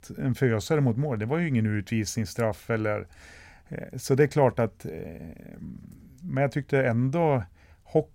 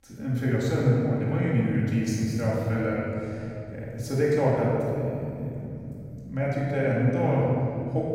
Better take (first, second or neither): first